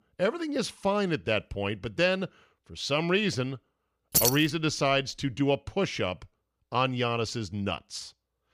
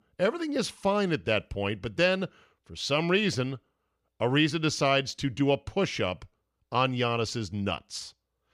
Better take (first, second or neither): second